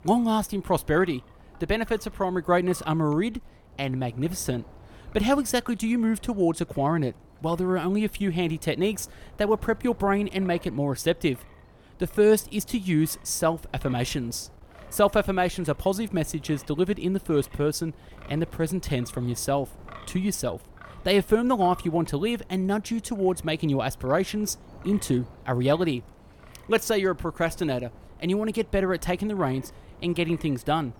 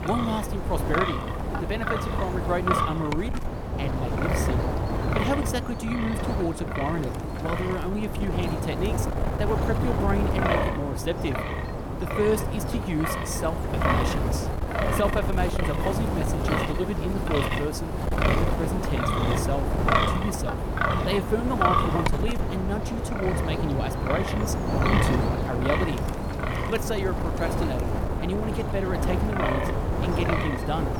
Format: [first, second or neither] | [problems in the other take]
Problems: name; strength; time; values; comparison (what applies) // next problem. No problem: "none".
first | wind noise on the microphone; heavy; 3 dB above the speech; occasional gusts in the first